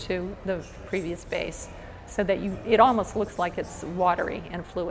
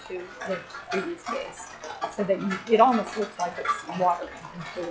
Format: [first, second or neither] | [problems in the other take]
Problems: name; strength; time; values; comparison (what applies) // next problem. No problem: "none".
first | noise reduction (classical method log-MMSE)